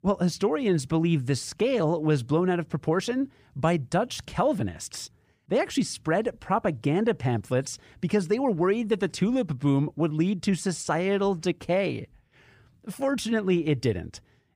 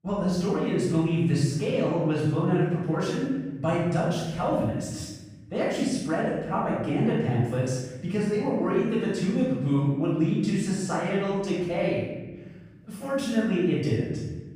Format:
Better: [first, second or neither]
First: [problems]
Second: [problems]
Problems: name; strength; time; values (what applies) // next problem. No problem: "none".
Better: first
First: none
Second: off-mic speech; far // room echo; strong; dies away in 1.1 s